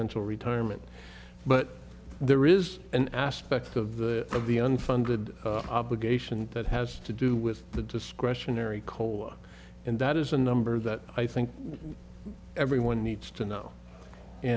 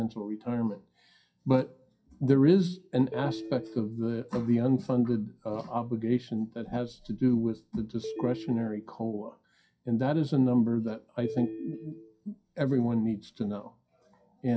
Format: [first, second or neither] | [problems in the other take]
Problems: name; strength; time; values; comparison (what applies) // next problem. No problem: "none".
first | noise reduction (classical method WPE with log-MMSE)